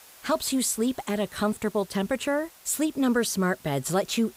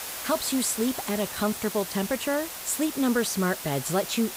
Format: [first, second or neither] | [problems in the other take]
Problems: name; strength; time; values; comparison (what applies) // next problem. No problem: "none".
first | hiss; loud; throughout; 7 dB below the speech; faint in the first